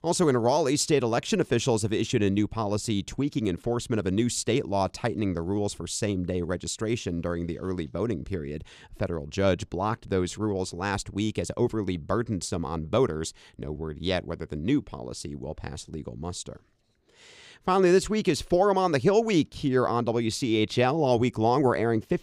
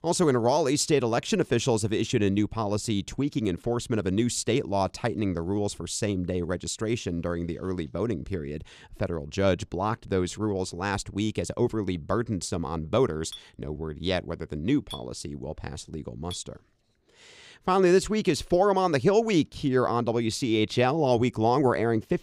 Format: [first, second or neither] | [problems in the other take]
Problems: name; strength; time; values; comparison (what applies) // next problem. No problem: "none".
first | clattering dishes; faint; from 13 to 16 s; peak 15 dB below the speech